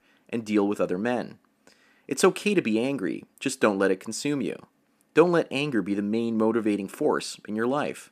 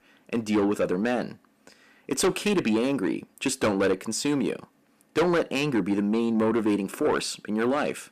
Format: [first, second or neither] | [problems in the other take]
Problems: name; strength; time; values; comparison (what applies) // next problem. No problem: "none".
first | distortion; heavy; 7 dB below the speech